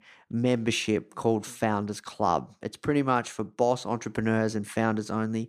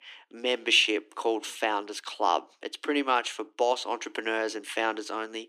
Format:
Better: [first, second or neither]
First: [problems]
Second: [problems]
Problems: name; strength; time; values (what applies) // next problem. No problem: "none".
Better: first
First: none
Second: thin; somewhat; fading below 300 Hz